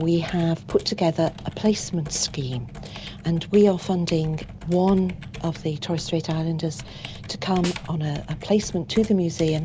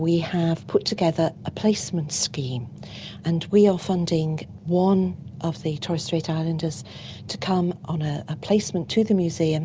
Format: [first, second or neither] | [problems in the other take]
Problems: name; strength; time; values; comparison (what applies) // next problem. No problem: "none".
second | background sound (Computer keyboard + Snare drum); 17 dB below the speech